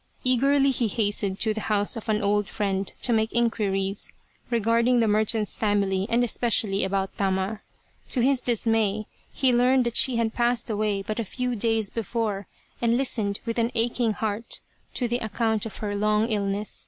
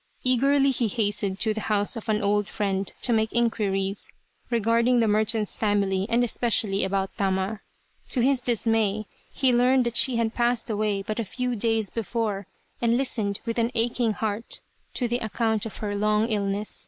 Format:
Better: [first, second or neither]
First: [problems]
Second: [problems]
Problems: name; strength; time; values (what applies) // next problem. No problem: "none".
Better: first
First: none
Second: noise reduction (neural mask model Resemble Enhance denoiser)